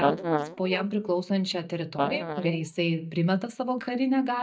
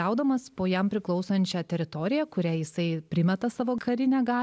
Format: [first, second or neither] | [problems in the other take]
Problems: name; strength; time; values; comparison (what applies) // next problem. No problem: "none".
second | noise reduction (neural mask model DeepFilterNet 3)